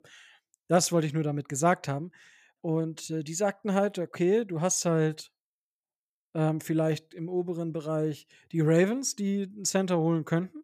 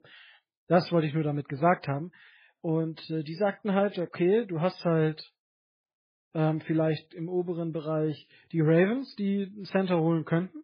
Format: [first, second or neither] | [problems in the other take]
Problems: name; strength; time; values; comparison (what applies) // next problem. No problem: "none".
first | garbled, watery; badly; nothing above 5 kHz